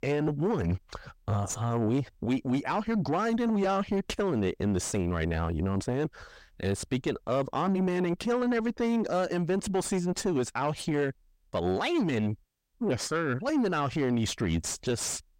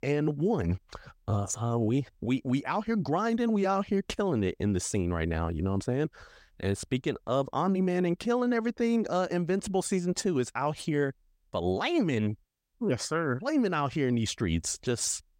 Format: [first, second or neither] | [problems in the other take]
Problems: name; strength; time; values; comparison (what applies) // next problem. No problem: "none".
second | distortion; slight; 9 dB below the speech